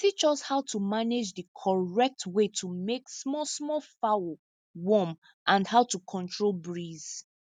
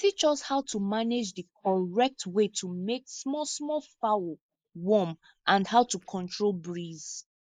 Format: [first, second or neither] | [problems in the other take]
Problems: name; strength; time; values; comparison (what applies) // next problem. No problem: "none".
first | noise reduction (neural mask model Resemble Enhance denoiser)